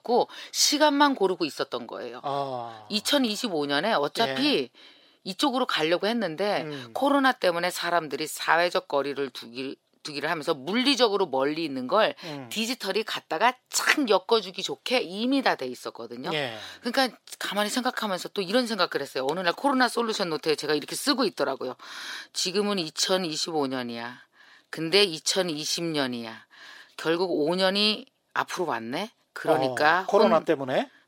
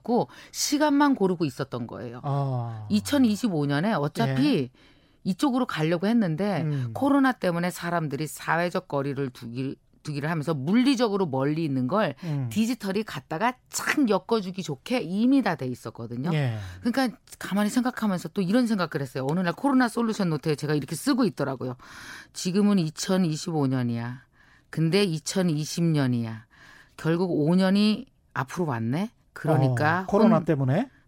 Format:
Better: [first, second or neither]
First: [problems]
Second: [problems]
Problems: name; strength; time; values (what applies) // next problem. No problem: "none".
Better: second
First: thin; somewhat; fading below 450 Hz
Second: none